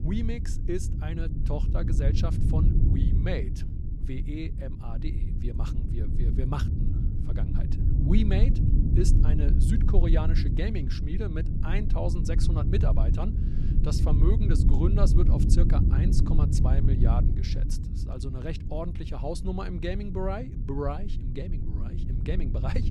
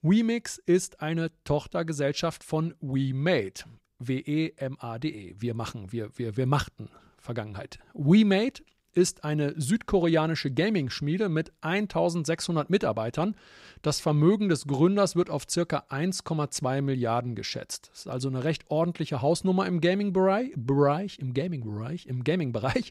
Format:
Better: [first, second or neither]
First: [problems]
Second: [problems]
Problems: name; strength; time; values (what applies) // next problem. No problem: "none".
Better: second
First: low rumble; loud; throughout; 3 dB below the speech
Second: none